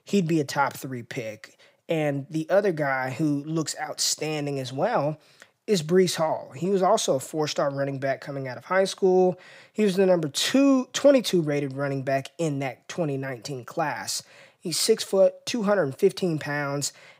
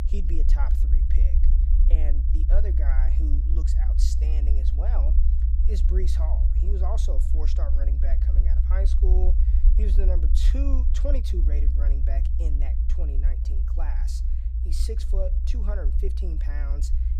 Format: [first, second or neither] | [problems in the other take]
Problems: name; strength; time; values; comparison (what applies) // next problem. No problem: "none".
first | low rumble; loud; throughout; 4 dB below the speech